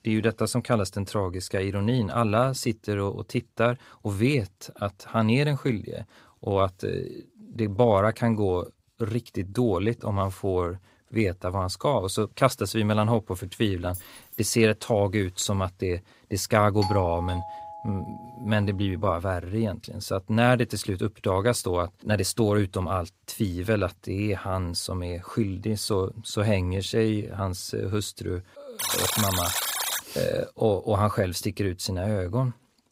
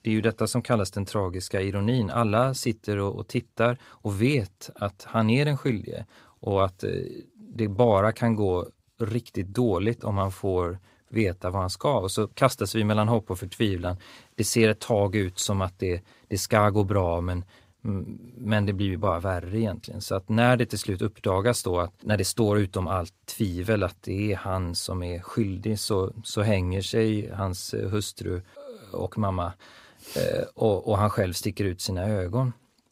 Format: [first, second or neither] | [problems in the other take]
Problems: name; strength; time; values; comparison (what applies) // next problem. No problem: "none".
second | jangling keys; faint; at 14 s; peak 15 dB below the speech // doorbell; noticeable; from 17 to 18 s; peak 5 dB below the speech // alarm; loud; from 29 to 30 s; peak 3 dB above the speech